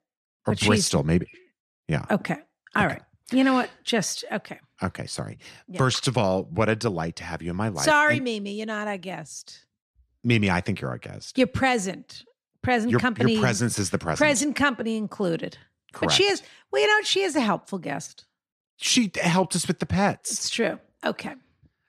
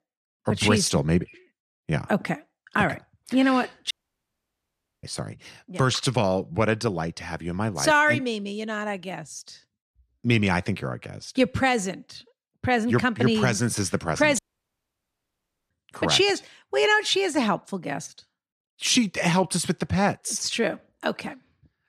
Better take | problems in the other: first | audio cutting out; at 4 s for 1 s and at 14 s for 1.5 s

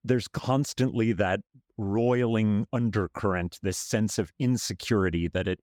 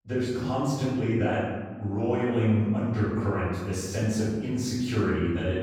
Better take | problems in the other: first | room echo; strong; dies away in 1.2 s // off-mic speech; far

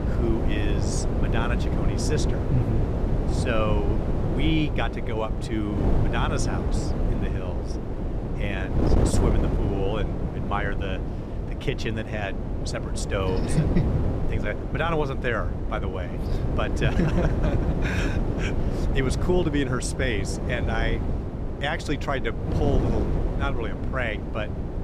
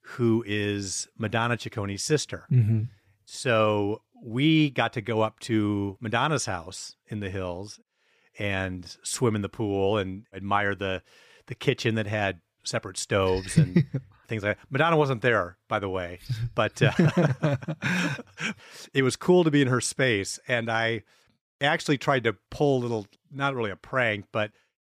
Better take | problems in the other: second | wind noise on the microphone; heavy; 4 dB below the speech

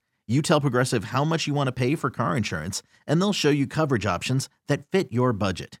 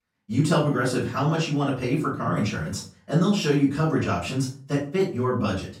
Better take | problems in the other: first | off-mic speech; far // room echo; slight; dies away in 0.3 s

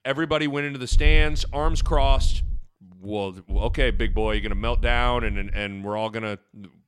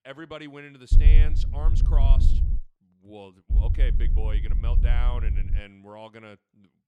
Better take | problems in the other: first | low rumble; loud; from 1 to 2.5 s and from 3.5 to 5.5 s; 4 dB below the speech; faint in the first

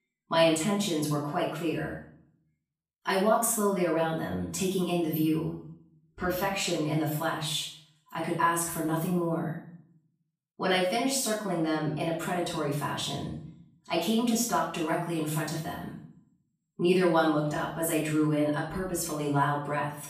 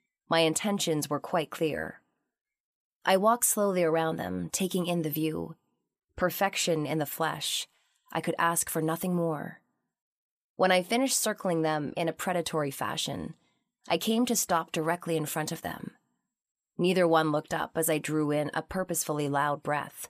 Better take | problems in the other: second | off-mic speech; far // room echo; noticeable; dies away in 0.6 s

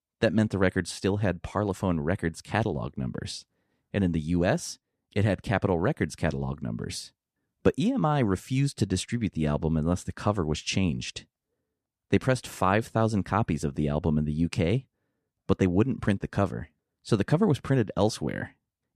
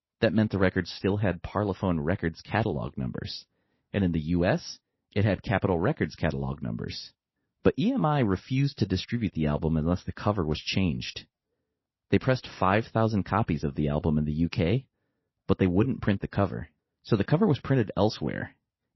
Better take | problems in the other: first | garbled, watery; slightly; nothing above 5.5 kHz

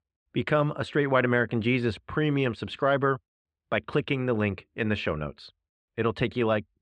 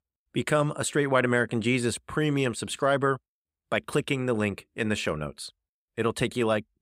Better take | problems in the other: second | muffled; slightly; fading above 3.5 kHz

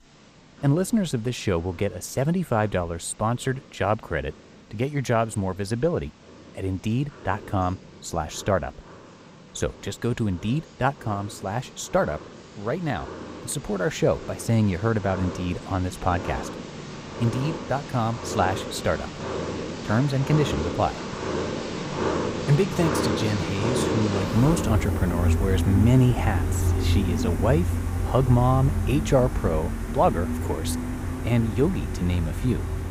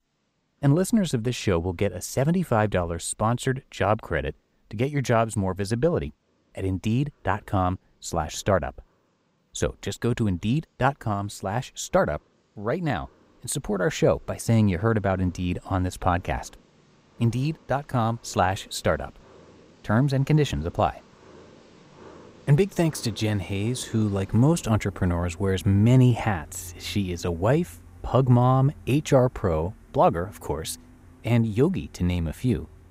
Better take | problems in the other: second | animal sounds; loud; throughout; 3 dB below the speech; faint in the second

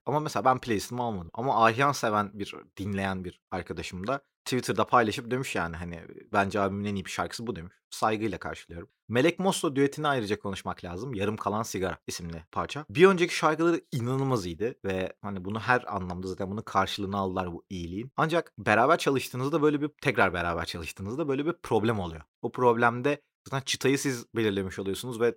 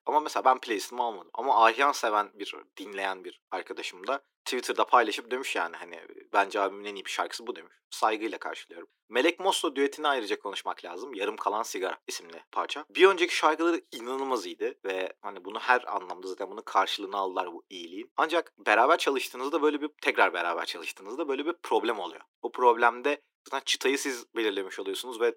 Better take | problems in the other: first | thin; somewhat; fading below 300 Hz

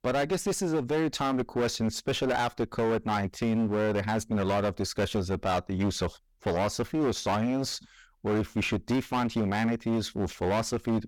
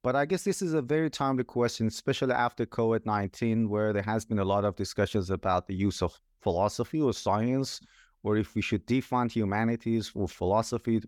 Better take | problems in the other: second | distortion; heavy; 19% of the sound clipped

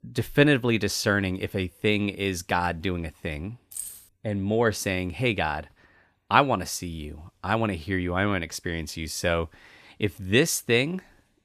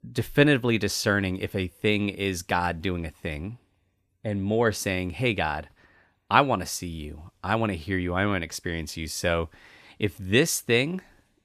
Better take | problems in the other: second | jangling keys; noticeable; at 3.5 s; peak 9 dB below the speech

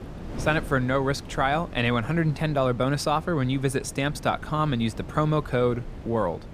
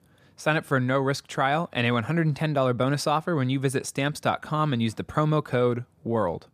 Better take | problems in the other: second | wind noise on the microphone; occasional gusts; 20 dB below the speech

